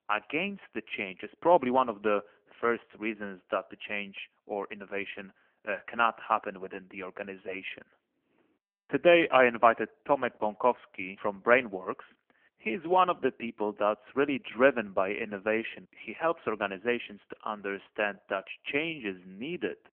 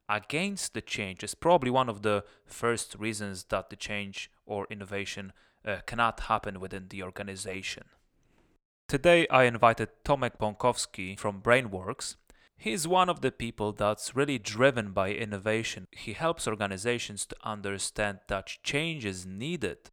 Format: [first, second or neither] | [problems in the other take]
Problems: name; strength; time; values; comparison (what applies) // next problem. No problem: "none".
second | phone-call audio; poor line; nothing above 3 kHz